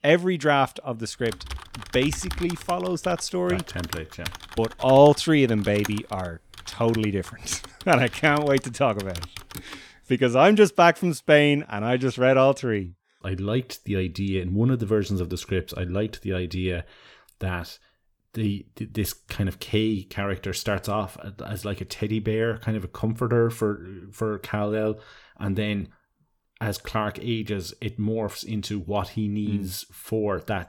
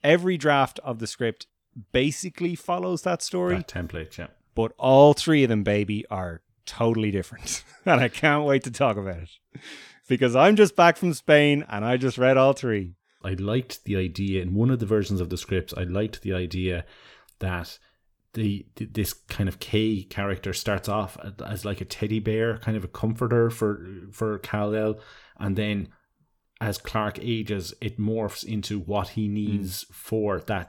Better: second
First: keyboard typing; noticeable; from 1.5 to 9.5 s; peak 9 dB below the speech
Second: none

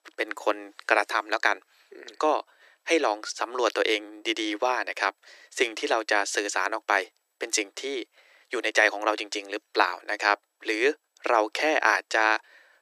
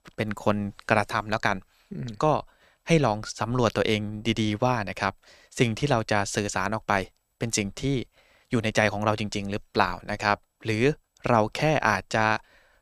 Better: second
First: thin; very; fading below 300 Hz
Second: none

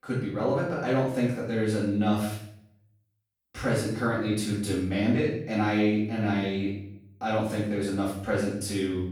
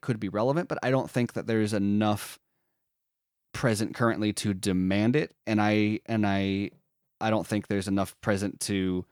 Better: second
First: off-mic speech; far // room echo; noticeable; dies away in 0.6 s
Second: none

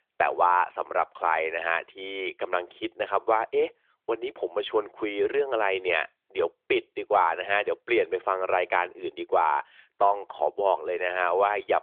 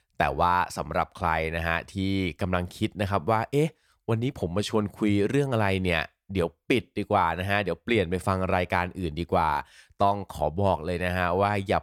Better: second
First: phone-call audio; nothing above 3.5 kHz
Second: none

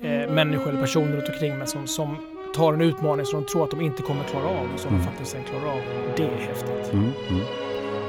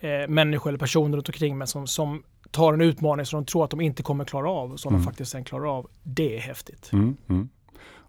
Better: second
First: background music; loud; throughout; 4 dB below the speech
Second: none

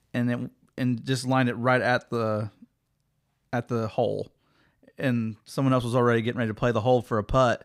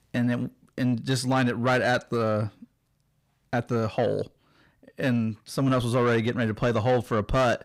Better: first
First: none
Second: distortion; slight; 10 dB below the speech

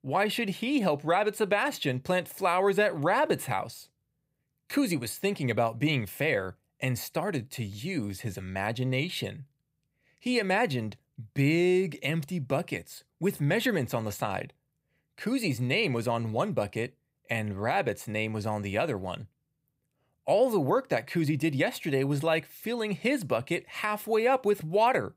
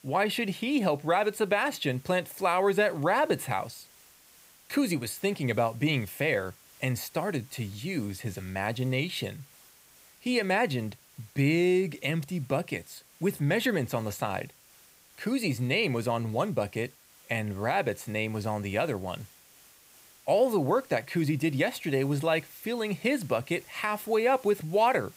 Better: first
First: none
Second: hiss; faint; throughout; 25 dB below the speech

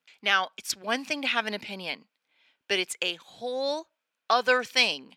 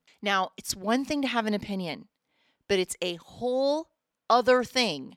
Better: second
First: thin; very slightly; fading below 1 kHz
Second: none

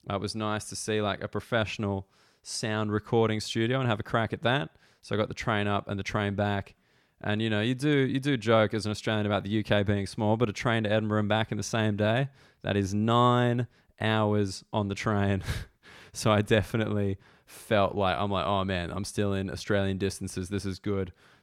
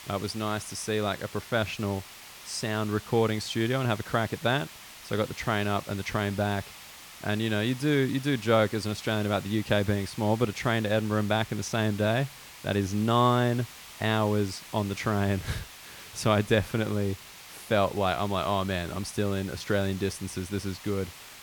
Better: first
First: none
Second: hiss; noticeable; throughout; 15 dB below the speech

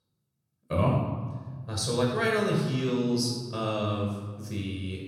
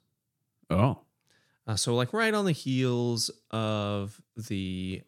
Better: second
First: off-mic speech; far // room echo; noticeable; dies away in 1.2 s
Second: none

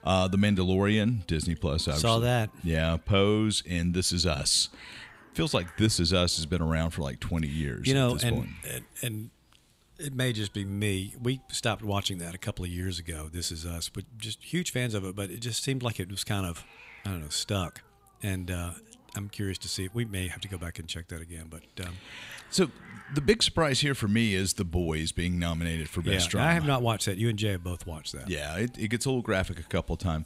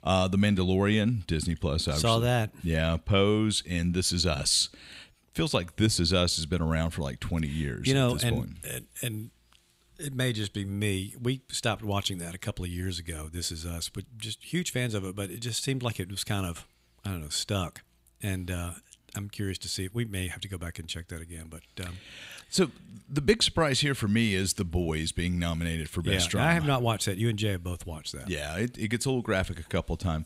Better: second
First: hiss; faint; throughout; 25 dB below the speech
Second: none

